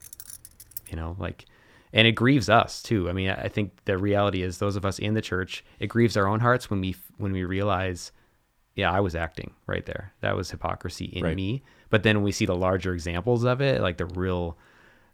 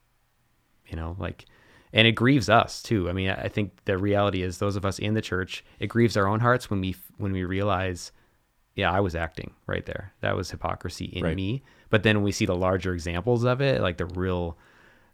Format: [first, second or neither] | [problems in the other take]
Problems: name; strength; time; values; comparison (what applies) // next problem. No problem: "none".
second | jangling keys; faint; at the start; peak 15 dB below the speech